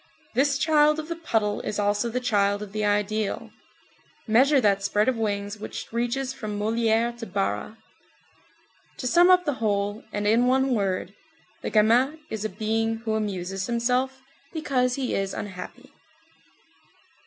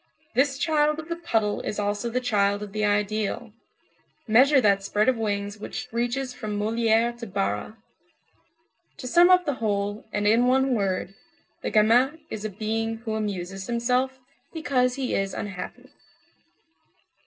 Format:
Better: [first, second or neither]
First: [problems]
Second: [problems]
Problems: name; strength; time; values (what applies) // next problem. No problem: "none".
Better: first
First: none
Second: noise reduction (neural separator model SepFormer DNS4)